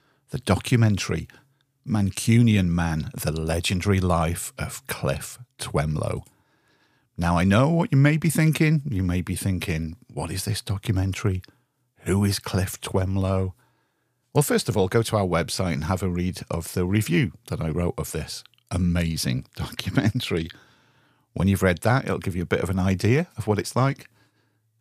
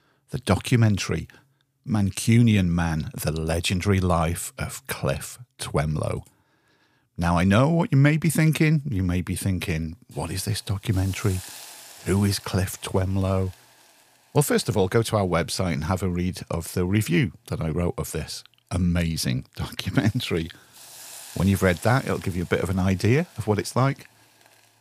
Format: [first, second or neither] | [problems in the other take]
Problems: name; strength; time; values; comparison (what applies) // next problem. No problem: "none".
first | hiss; faint; from 9.5 s on; 20 dB below the speech